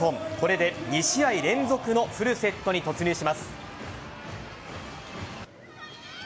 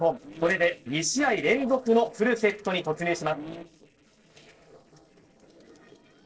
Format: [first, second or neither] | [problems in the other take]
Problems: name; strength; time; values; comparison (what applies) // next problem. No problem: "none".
first | noise reduction (neural separator model SepFormer DNS4)